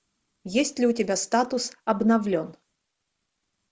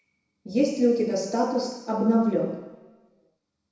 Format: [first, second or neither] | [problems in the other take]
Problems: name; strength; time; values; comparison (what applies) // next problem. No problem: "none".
first | room echo; dies away in 1 s